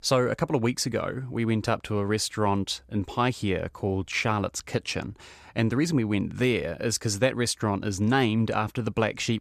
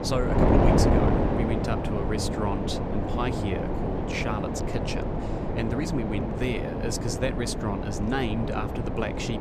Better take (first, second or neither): first